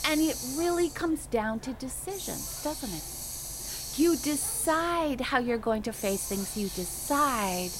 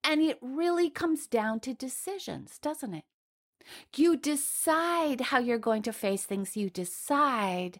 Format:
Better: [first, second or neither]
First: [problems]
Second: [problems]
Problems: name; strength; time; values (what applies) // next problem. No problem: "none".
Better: second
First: hiss; loud; throughout; 6 dB below the speech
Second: none